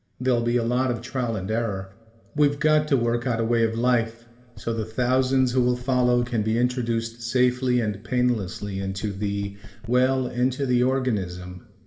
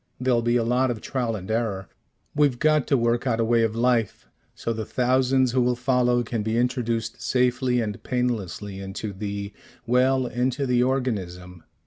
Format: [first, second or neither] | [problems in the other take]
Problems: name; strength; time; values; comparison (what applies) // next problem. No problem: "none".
second | background sound (Knock); 16 dB below the speech // room echo; dies away in 1.3 s